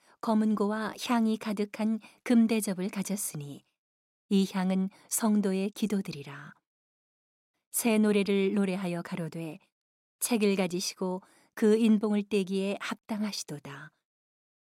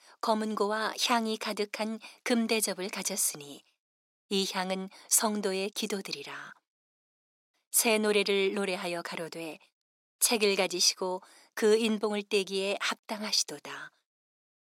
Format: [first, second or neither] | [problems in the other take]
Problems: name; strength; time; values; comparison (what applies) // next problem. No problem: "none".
first | thin; somewhat; fading below 400 Hz